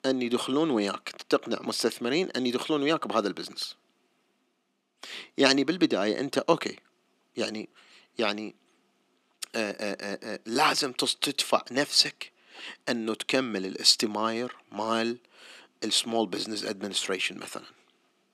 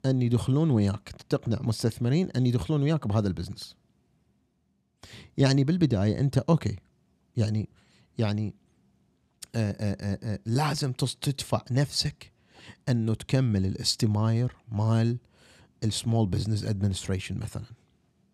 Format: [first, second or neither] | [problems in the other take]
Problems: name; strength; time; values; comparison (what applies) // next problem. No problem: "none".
second | thin; somewhat; fading below 300 Hz